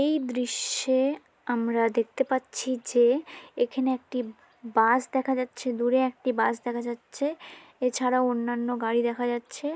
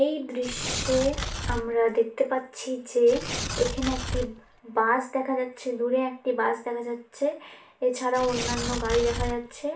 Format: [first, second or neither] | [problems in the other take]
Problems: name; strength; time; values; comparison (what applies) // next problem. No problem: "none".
first | background sound (Tearing); 5 dB below the speech // room echo; dies away in 0.3 s